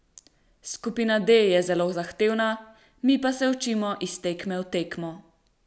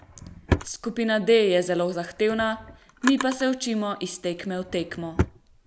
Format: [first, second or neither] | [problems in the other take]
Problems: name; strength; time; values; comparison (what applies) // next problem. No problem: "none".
first | background sound (Drawer open or close); 8 dB below the speech